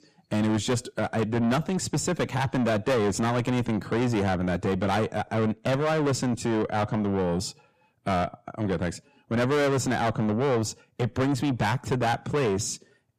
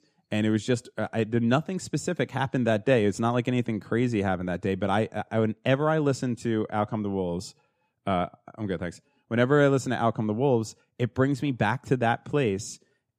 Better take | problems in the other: second | distortion; heavy; 6 dB below the speech

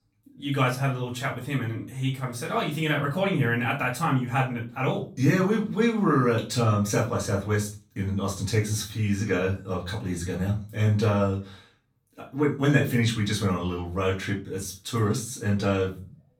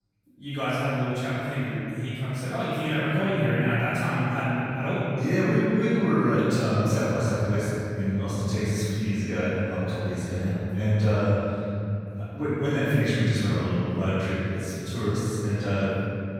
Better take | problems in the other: first | room echo; strong; dies away in 3 s; slight in the first // off-mic speech; far; far in the first

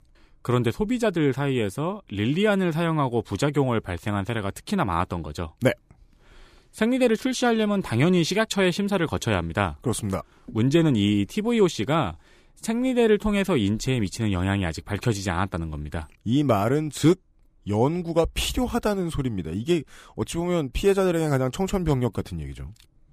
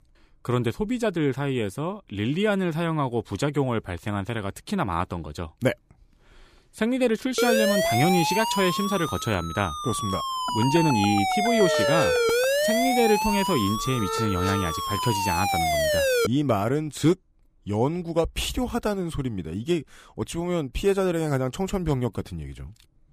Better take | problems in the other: first | siren; loud; from 7.5 to 16 s; peak 5 dB above the speech

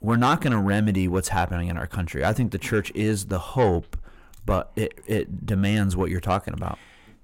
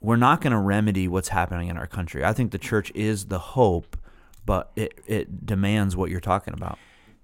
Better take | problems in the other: second | distortion; slight; 10 dB below the speech

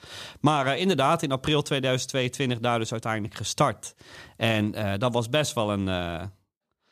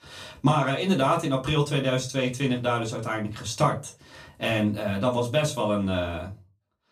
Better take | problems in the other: first | off-mic speech; far // room echo; very slight; dies away in 0.2 s

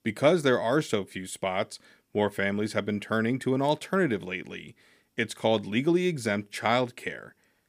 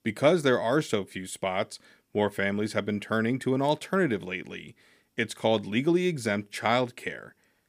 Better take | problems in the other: neither | none

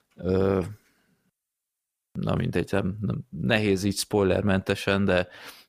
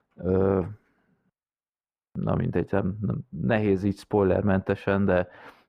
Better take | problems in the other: first | muffled; very; fading above 3 kHz

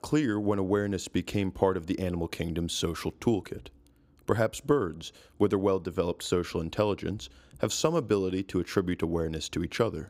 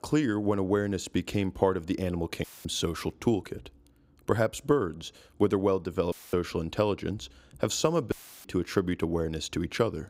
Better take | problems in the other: first | audio cutting out; filled with static; at 2.5 s, at 6 s and at 8 s

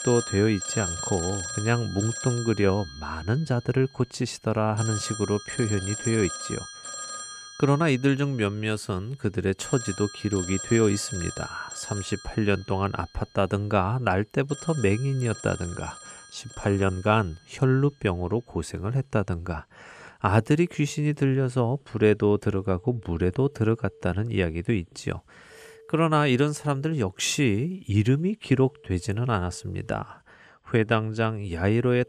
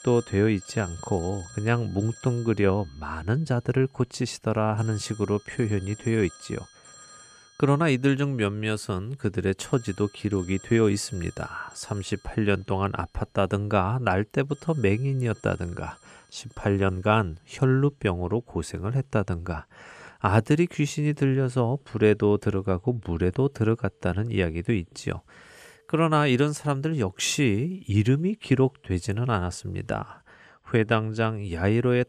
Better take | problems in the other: second | alarms or sirens; loud; throughout; 9 dB below the speech; faint in the second

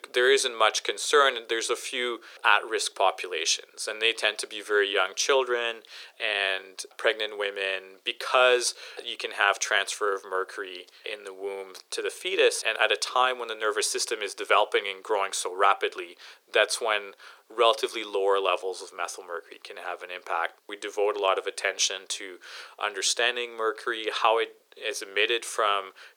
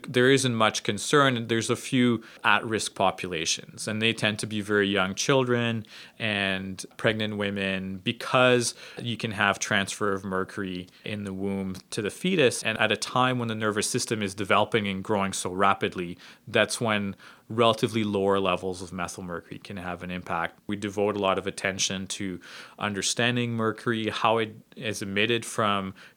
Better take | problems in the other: second | thin; very; fading below 400 Hz

